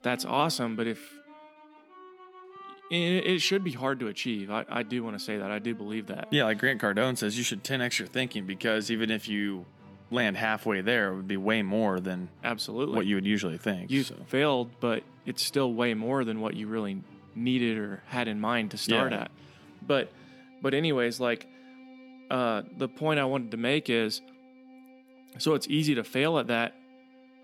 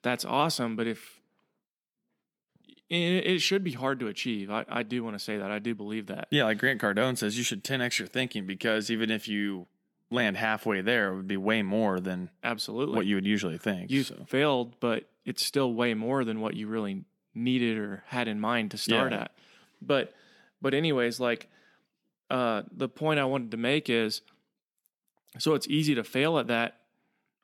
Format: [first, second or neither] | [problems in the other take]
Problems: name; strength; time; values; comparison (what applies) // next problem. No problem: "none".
second | background music; faint; throughout; 25 dB below the speech